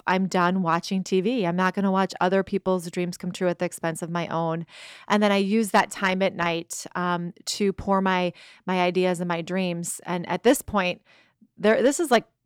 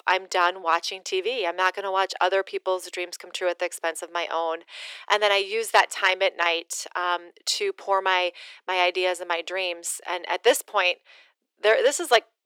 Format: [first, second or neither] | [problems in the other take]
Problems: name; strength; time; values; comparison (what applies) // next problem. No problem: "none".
first | thin; very; fading below 400 Hz